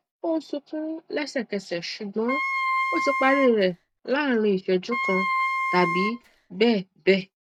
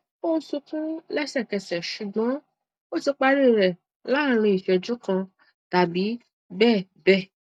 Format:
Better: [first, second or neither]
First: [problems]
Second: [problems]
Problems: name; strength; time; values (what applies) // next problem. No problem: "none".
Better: second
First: background sound (Wind instrument, woodwind instrument); 2 dB below the speech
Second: none